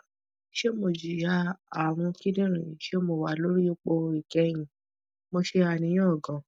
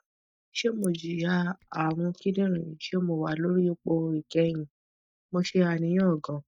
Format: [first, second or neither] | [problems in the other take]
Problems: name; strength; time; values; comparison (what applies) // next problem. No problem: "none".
first | noise reduction (neural mask model DeepFilterNet 3)